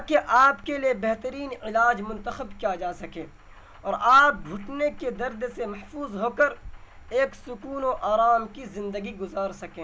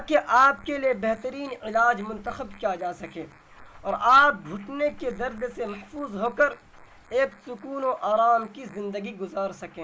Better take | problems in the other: first | noise reduction (neural mask model Resemble Enhance denoiser)

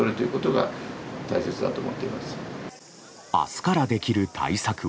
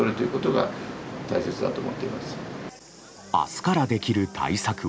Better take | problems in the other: first | background sound (Acoustic guitar + Organ); 20 dB below the speech

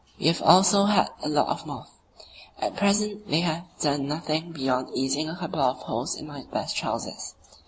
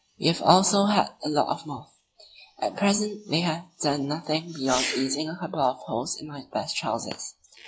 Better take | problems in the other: first | noise reduction (classical method log-MMSE)

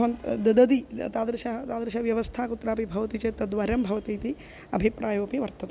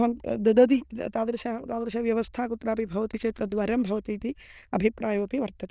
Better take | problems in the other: first | noise reduction (neural diffusion model UNIVERSE++)

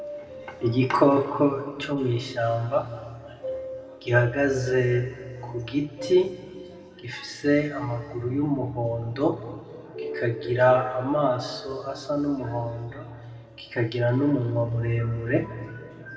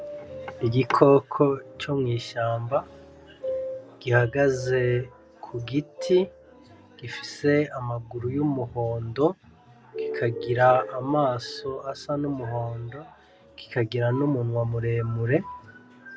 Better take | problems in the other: second | room echo; dies away in 2 s

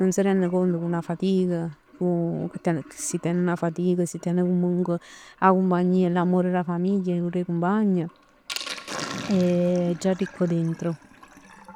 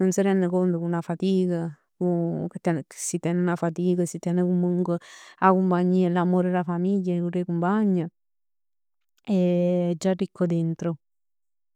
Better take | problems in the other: second | background sound (Sink (filling or washing)); 18 dB below the speech

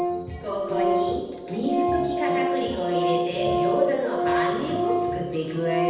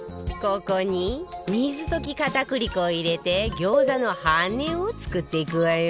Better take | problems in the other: second | background sound (Organ); 2 dB above the speech // room echo; dies away in 1.1 s

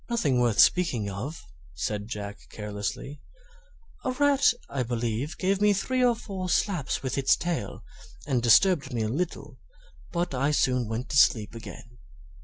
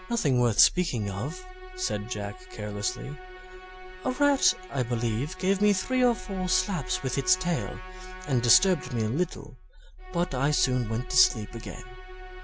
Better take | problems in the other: first | background sound (Musical instrument); 16 dB below the speech

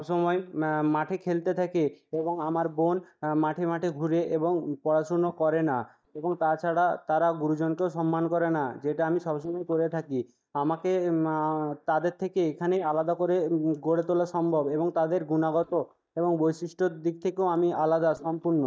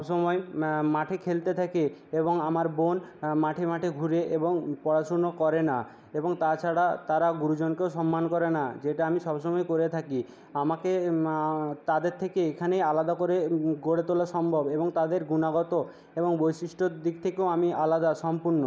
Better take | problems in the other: second | noise reduction (neural mask model DeepFilterNet 3)

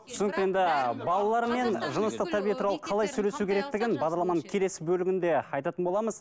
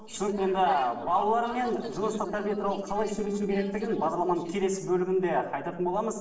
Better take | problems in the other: first | noise reduction (neural separator model SepFormer DNS4)

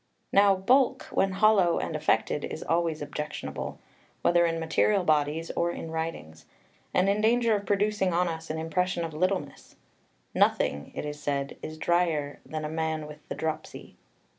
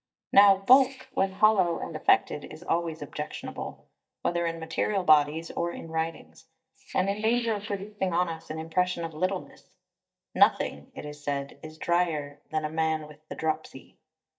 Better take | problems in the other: first | noise reduction (neural mask model DeepFilterNet 3)

